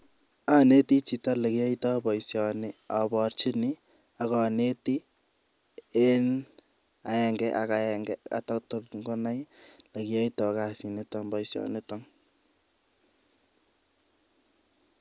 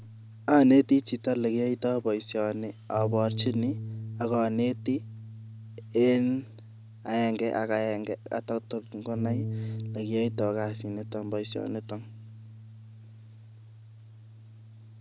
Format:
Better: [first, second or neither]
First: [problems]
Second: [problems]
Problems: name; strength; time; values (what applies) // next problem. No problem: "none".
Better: first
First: none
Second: background sound (Bass guitar); 10 dB below the speech